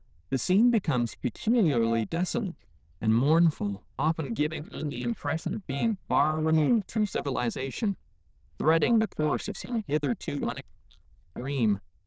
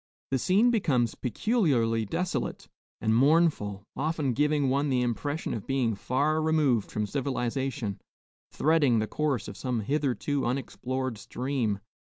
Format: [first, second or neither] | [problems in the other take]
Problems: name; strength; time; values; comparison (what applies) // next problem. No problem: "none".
second | noise reduction (neural diffusion model UNIVERSE++)